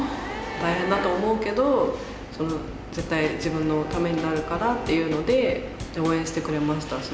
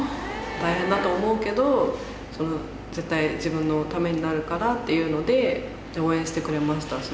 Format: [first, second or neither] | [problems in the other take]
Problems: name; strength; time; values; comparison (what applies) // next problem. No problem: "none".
second | background sound (Train + Drum / Drum kit); 15 dB below the speech